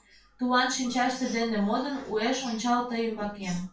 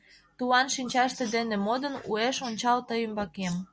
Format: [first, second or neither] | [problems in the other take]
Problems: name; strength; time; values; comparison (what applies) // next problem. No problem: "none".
second | room echo; dies away in 0.3 s